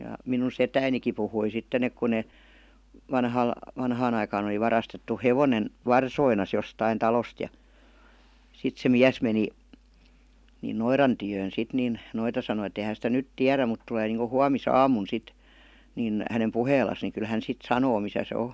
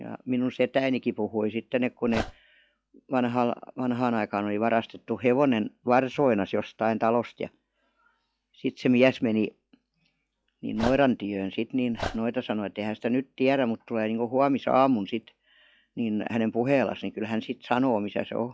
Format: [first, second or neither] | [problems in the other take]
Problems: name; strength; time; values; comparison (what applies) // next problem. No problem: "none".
first | noise reduction (classical method log-MMSE)